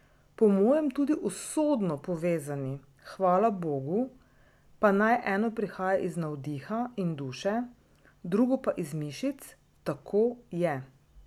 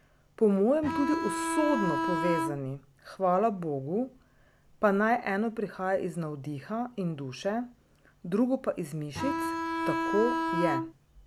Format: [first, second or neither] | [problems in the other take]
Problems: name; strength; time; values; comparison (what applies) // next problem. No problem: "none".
first | background sound (Bowed string instrument); as loud as the speech